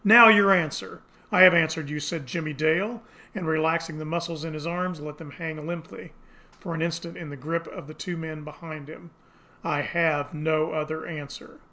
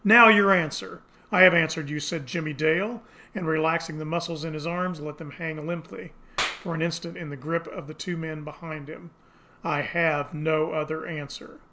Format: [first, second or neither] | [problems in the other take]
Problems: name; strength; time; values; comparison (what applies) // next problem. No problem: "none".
first | background sound (Clapping); 13 dB below the speech